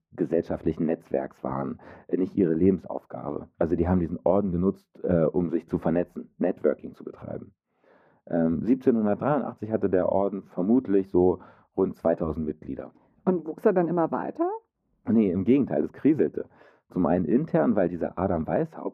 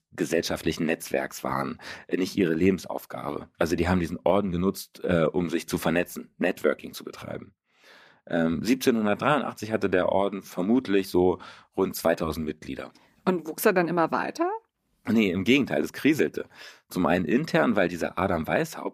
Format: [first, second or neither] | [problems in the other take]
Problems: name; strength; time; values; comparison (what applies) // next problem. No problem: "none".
second | muffled; very; fading above 2 kHz